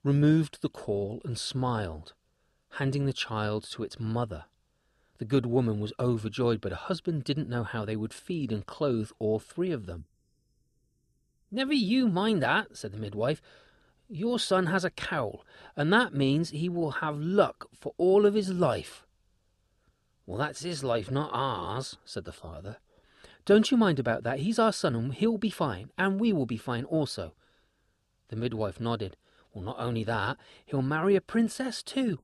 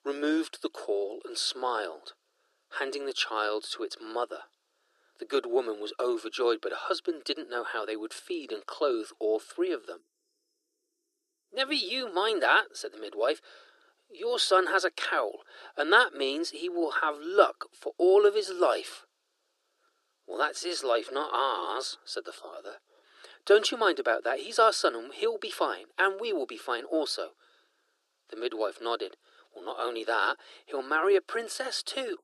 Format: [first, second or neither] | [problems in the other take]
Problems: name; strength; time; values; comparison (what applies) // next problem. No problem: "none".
first | thin; very; fading below 350 Hz